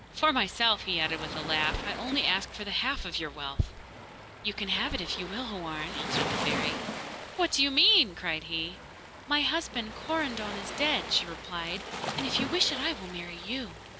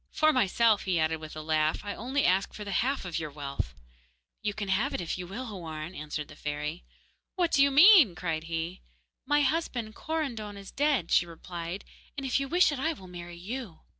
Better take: second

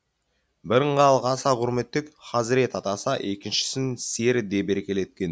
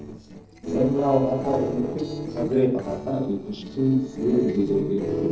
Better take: first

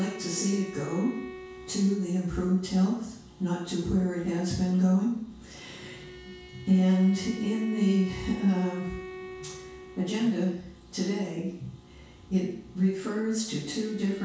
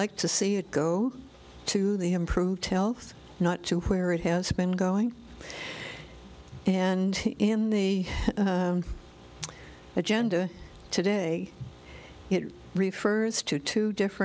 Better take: second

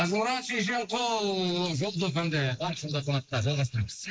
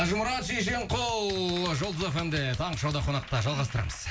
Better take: second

